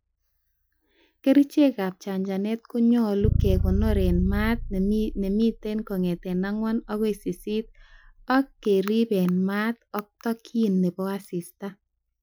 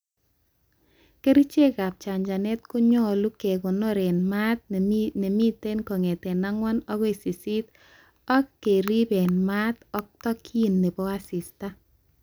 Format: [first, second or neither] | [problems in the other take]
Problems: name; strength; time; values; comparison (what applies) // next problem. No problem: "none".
second | noise reduction (classical method Wiener filter)